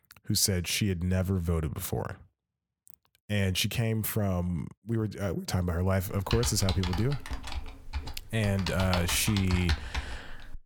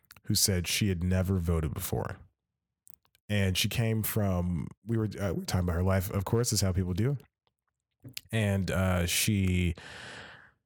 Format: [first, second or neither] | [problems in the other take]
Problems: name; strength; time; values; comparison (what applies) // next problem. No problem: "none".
second | keyboard typing; noticeable; from 6 s on; peak 4 dB below the speech